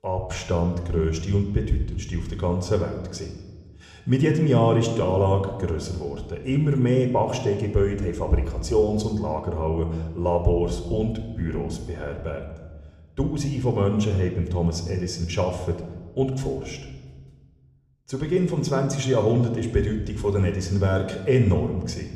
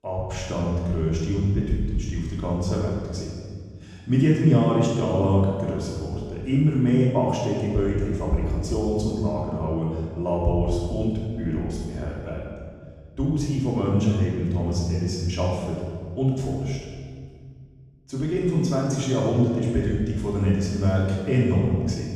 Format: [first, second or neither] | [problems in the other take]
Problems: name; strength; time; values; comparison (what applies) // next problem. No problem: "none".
first | room echo; strong; dies away in 1.7 s; slight in the first // off-mic speech; far